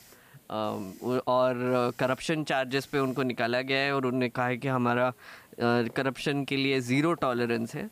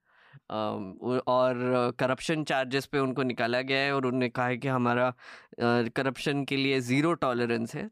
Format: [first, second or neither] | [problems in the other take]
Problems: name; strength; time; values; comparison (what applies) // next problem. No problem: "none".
second | hiss; faint; throughout; 30 dB below the speech